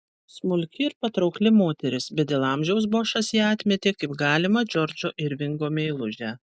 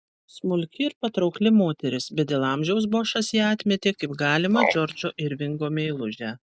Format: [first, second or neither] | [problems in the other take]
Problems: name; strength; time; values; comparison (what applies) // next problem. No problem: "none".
first | background sound (Frog); 7 dB below the speech